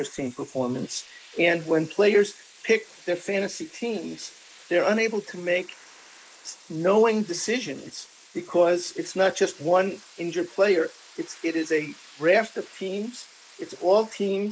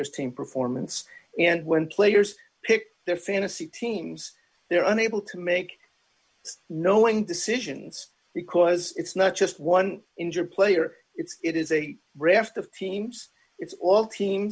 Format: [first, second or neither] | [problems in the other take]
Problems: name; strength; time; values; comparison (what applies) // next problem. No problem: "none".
second | noise reduction (neural mask model Resemble Enhance denoiser)